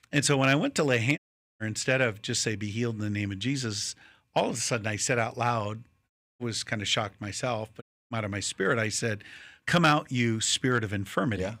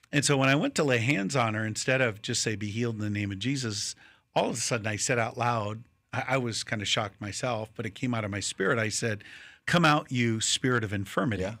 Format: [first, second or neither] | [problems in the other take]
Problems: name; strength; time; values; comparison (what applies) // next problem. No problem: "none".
second | audio cutting out; at 1 s, at 6 s and at 8 s